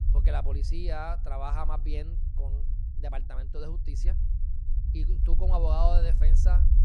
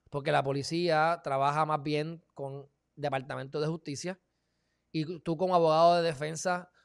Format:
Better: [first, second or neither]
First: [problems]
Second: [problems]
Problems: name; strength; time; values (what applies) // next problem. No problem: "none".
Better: second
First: low rumble; noticeable; throughout; 10 dB below the speech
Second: none